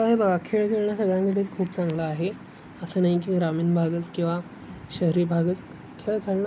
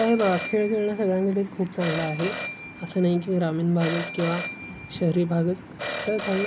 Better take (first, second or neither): first